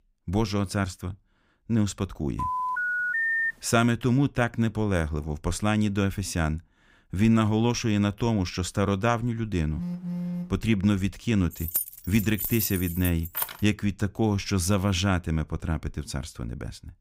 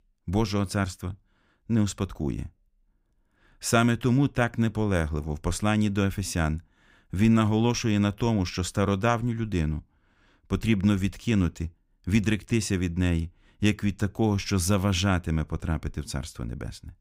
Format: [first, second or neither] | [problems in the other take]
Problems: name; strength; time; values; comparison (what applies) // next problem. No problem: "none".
second | phone ringing; loud; from 2.5 to 3.5 s; peak 3 dB above the speech // phone ringing; noticeable; at 10 s; peak 5 dB below the speech // jangling keys; noticeable; from 12 to 14 s; peak 1 dB below the speech